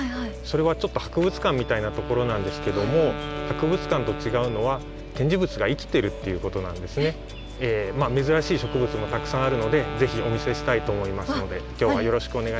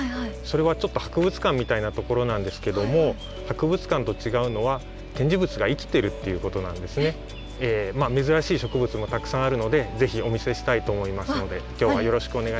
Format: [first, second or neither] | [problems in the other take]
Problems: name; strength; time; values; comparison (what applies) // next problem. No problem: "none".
second | background sound (Wind instrument, woodwind instrument); 12 dB below the speech